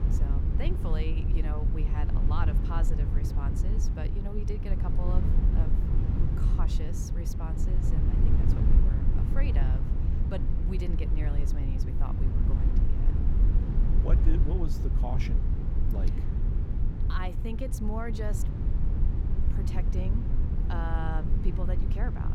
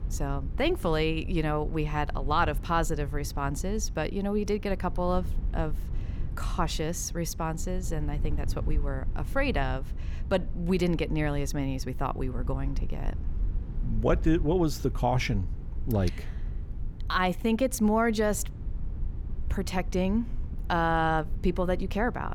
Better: second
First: low rumble; loud; throughout; 2 dB below the speech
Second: low rumble; faint; throughout; 20 dB below the speech

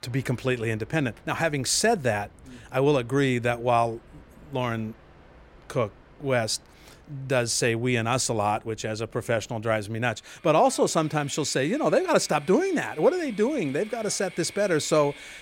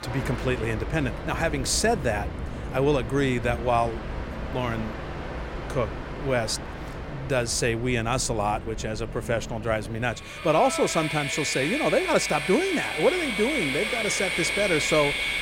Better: first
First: train or aircraft noise; faint; throughout; 25 dB below the speech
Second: train or aircraft noise; loud; throughout; 5 dB below the speech

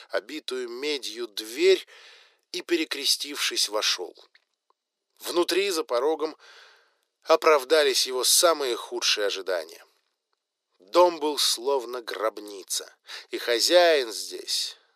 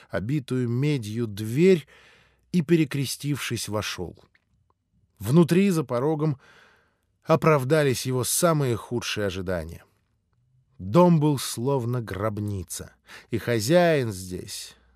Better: second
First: thin; very; fading below 350 Hz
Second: none

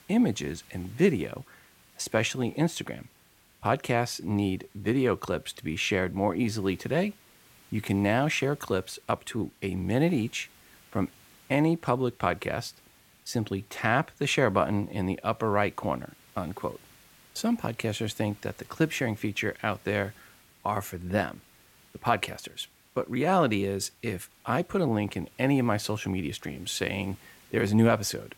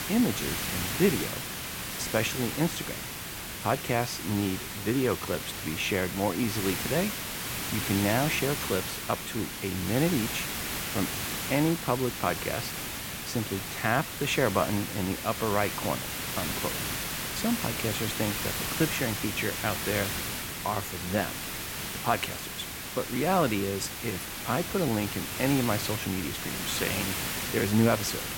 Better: first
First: hiss; faint; throughout; 25 dB below the speech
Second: hiss; loud; throughout; 2 dB below the speech

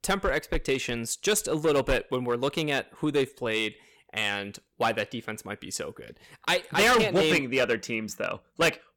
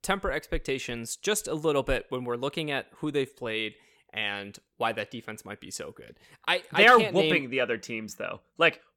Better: second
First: distortion; heavy; 6% of the sound clipped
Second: none

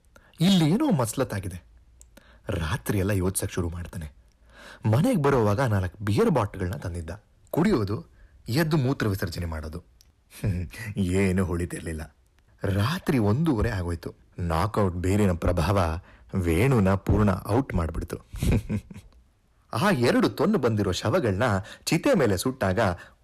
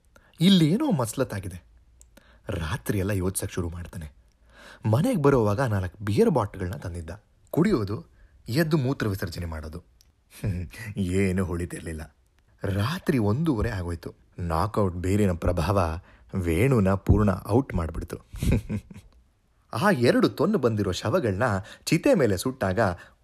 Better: second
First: distortion; slight; 5% of the sound clipped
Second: none

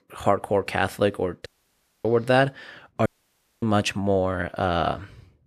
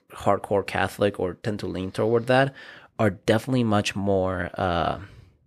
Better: second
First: audio cutting out; at 1.5 s for 0.5 s and at 3 s for 0.5 s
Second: none

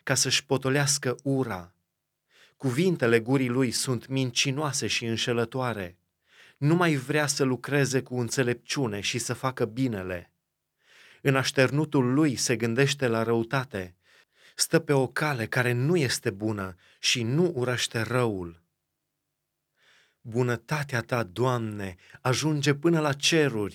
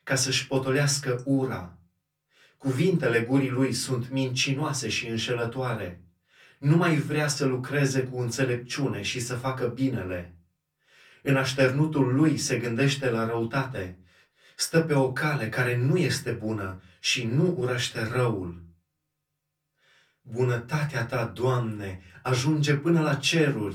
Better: first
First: none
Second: off-mic speech; far // room echo; very slight; dies away in 0.3 s

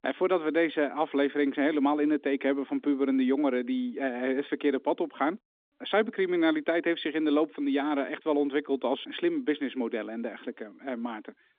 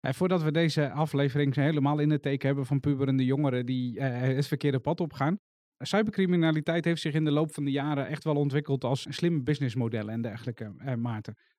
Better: second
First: phone-call audio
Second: none

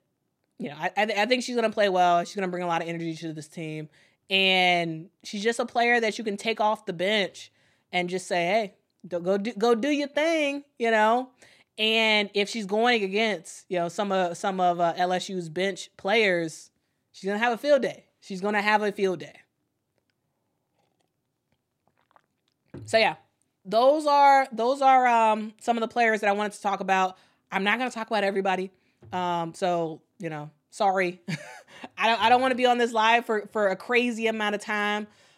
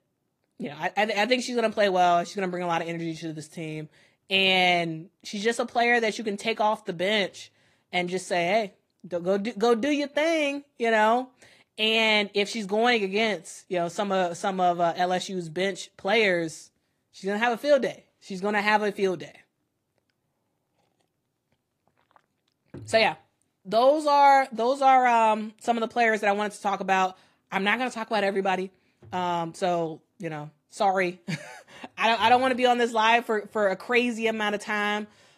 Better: first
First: none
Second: garbled, watery; slightly; nothing above 12.5 kHz

